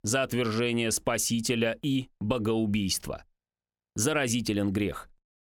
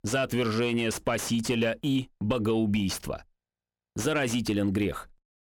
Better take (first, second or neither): first